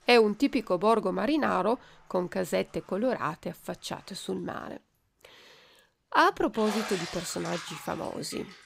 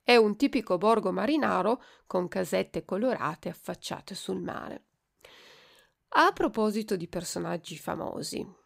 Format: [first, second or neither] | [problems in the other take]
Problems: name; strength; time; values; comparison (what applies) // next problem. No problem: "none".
second | household noises; noticeable; throughout; 10 dB below the speech